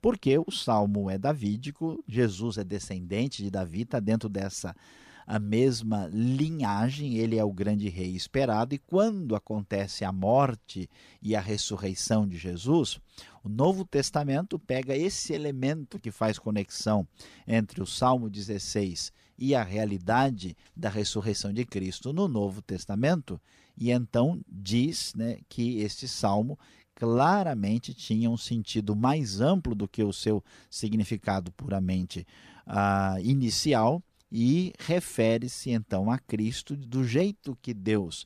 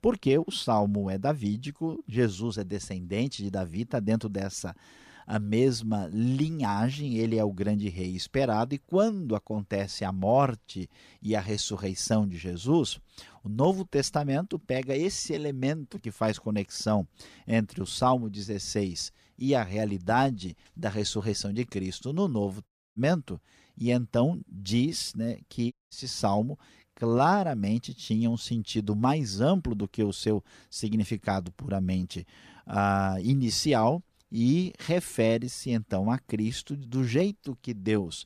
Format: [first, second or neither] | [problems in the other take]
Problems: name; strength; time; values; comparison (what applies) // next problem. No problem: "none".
first | audio cutting out; at 23 s and at 26 s